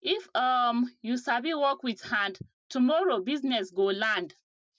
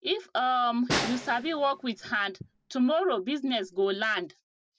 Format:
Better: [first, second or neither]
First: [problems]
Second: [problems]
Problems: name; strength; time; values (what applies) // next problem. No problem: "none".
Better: first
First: none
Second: background sound (Snare drum); 8 dB below the speech